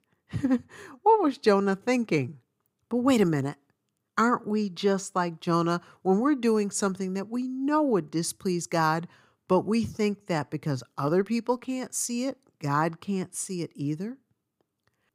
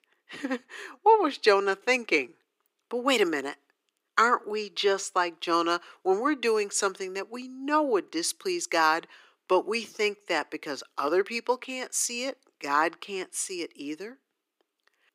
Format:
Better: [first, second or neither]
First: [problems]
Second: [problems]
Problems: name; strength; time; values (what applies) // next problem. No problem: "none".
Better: first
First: none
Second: thin; somewhat; fading below 350 Hz